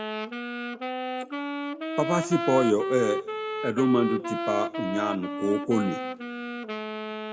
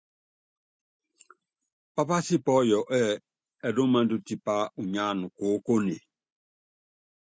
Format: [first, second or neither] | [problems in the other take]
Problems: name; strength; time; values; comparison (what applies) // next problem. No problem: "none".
second | background sound (Wind instrument, woodwind instrument); 3 dB below the speech // room echo; dies away in 0.9 s